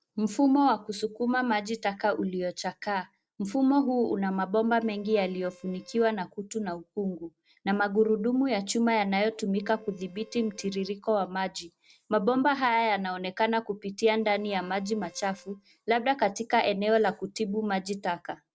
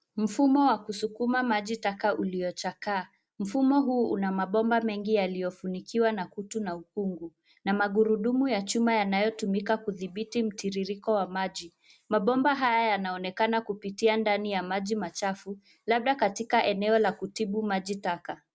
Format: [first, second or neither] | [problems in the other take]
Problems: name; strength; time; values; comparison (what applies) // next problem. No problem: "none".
second | noise reduction (neural separator model SepFormer DNS4)